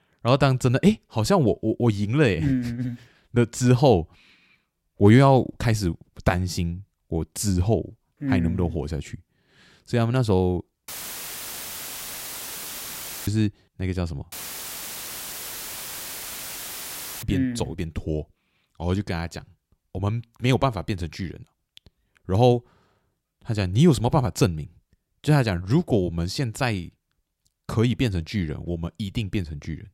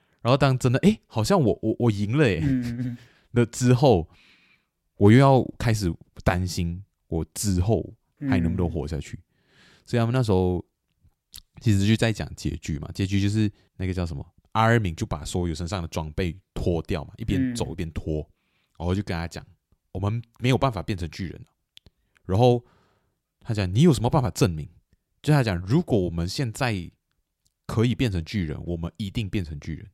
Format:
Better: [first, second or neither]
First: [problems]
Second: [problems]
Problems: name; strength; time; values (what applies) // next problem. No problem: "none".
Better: second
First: audio cutting out; filled with static; at 11 s for 2.5 s and at 14 s for 3 s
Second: none